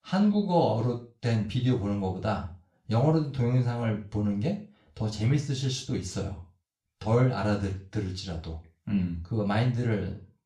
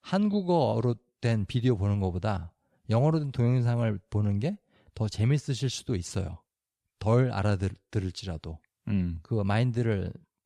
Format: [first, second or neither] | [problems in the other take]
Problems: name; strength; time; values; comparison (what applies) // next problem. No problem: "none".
second | room echo; slight; dies away in 0.3 s // off-mic speech; far